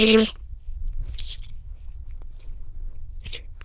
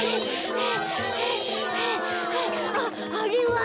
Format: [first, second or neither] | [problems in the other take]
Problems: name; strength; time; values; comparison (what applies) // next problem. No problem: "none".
second | noise reduction (neural diffusion model UNIVERSE++)